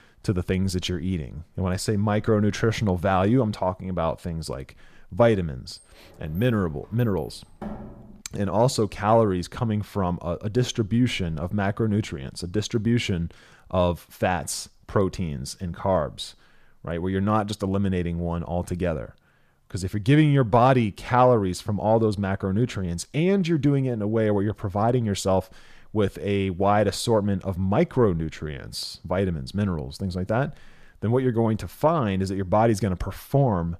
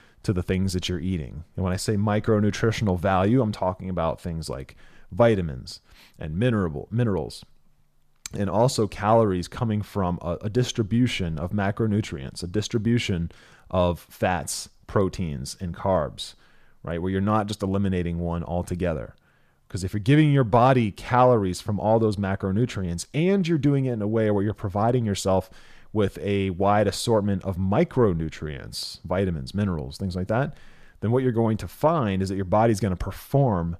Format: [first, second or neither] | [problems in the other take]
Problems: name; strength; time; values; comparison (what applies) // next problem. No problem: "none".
second | door banging; faint; from 6 to 8 s; peak 15 dB below the speech